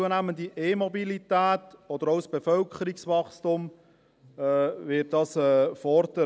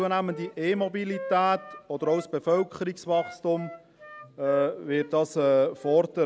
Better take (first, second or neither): first